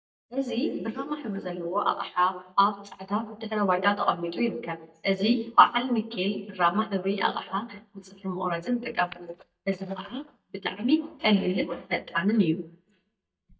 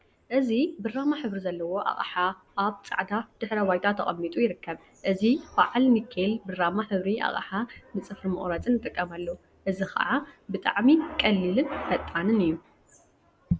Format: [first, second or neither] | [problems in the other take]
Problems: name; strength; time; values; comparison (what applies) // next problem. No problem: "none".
second | noise reduction (neural mask model DeepFilterNet 3)